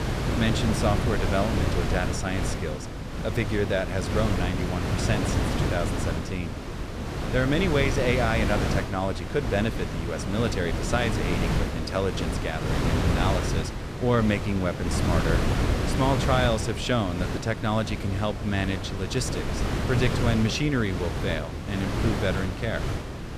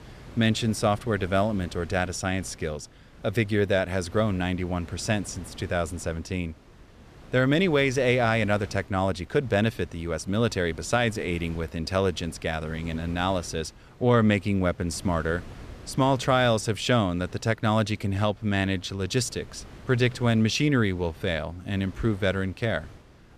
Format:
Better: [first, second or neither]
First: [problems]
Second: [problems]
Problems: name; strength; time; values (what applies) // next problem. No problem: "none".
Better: second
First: wind noise on the microphone; heavy; 3 dB below the speech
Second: wind noise on the microphone; occasional gusts; 25 dB below the speech